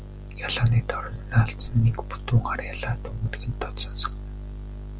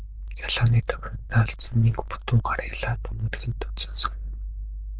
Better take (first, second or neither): first